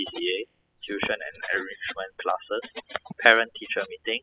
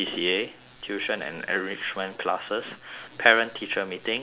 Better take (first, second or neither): second